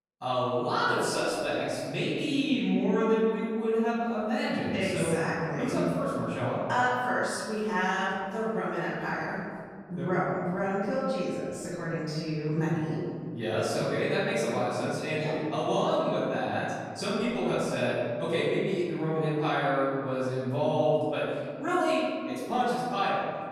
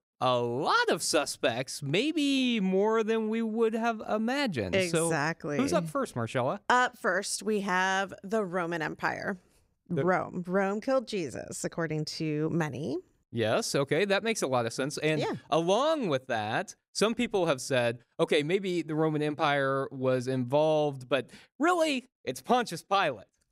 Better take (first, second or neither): second